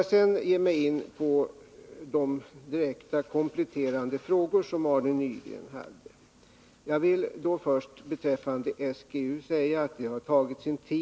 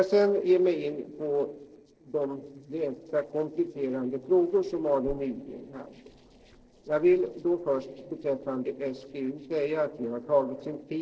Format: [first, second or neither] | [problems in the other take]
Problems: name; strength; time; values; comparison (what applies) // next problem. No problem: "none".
first | noise reduction (neural separator model SepFormer DNS4)